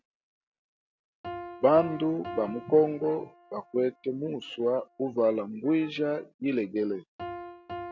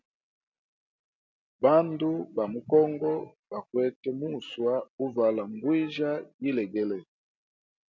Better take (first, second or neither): second